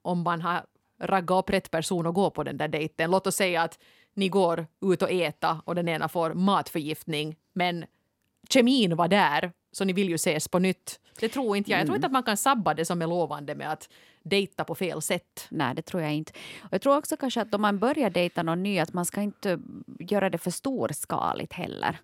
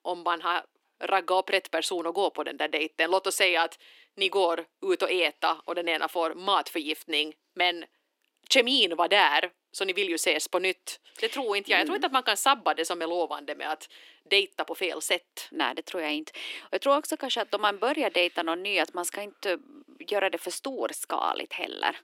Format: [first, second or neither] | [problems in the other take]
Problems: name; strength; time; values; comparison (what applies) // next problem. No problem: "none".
first | thin; somewhat; fading below 300 Hz